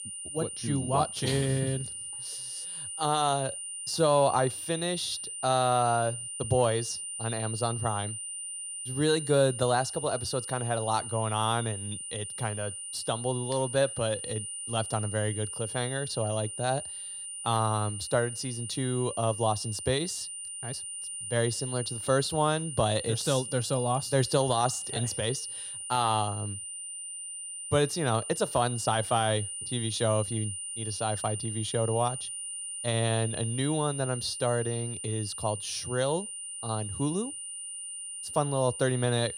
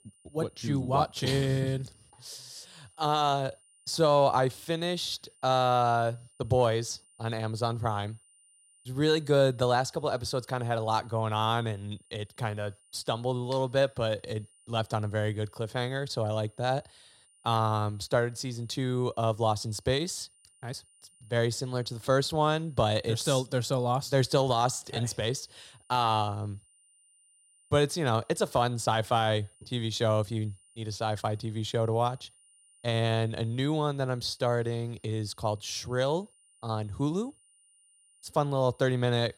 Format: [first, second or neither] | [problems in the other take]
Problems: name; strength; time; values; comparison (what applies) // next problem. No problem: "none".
second | high-pitched whine; loud; throughout; 9 kHz, 6 dB below the speech; faint in the second